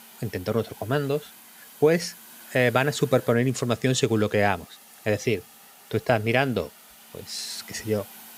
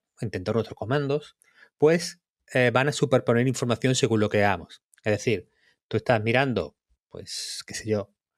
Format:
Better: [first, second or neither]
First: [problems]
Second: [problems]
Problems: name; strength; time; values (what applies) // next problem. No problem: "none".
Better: second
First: hiss; faint; throughout; 20 dB below the speech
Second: none